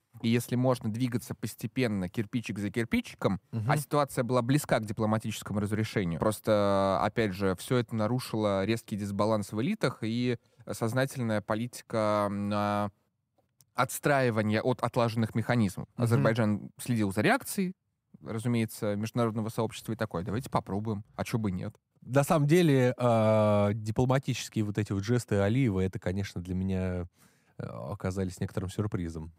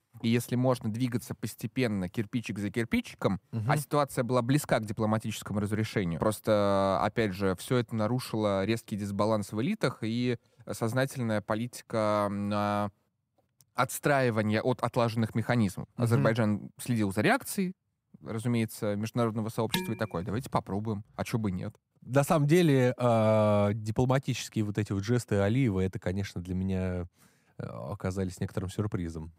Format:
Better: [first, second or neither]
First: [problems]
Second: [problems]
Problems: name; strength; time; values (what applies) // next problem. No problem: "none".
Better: first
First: none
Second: clattering dishes; noticeable; at 20 s; peak 4 dB below the speech